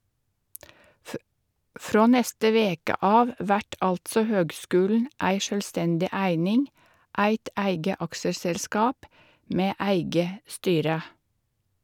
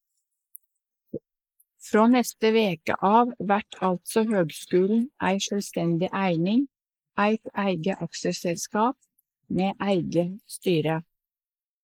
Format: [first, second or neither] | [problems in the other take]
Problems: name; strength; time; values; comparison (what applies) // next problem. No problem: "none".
first | noise reduction (neural mask model Resemble Enhance denoiser)